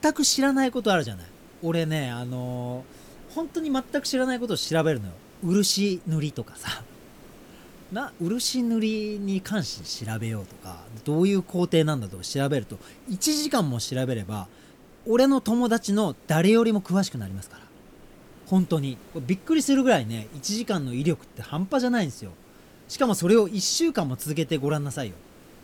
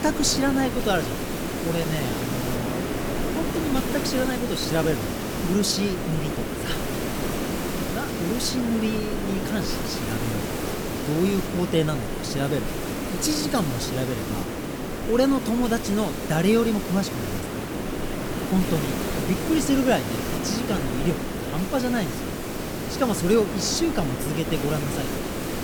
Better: first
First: hiss; faint; throughout; 25 dB below the speech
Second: hiss; loud; throughout; 3 dB below the speech

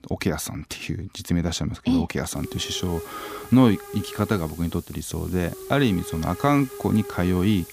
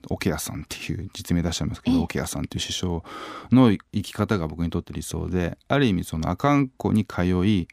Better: second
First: hiss; noticeable; from 2.5 s on; 15 dB below the speech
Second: none

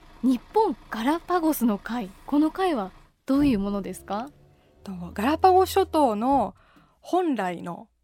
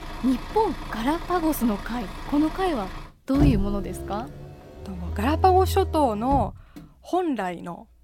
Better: first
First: traffic noise; faint; throughout; 25 dB below the speech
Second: traffic noise; loud; throughout; 8 dB below the speech

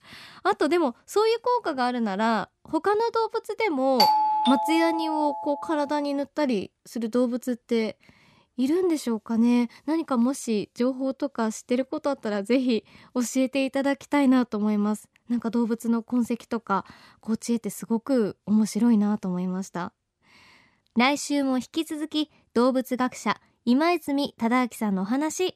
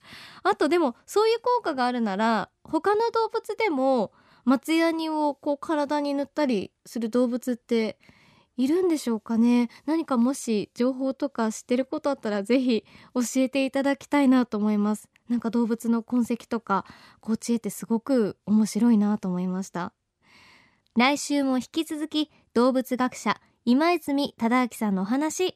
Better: second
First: doorbell; loud; from 4 to 5.5 s; peak 5 dB above the speech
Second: none

